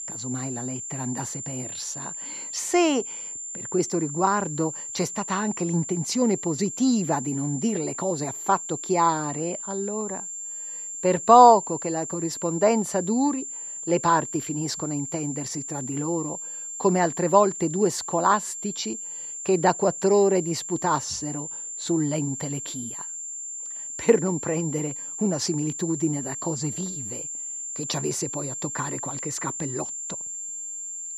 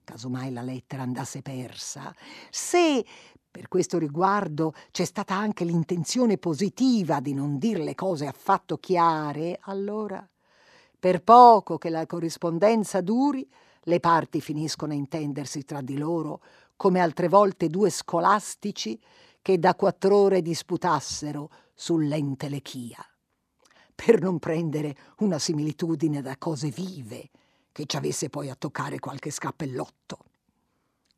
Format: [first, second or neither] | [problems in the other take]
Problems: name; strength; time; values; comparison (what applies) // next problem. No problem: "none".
second | high-pitched whine; loud; throughout; 7.5 kHz, 7 dB below the speech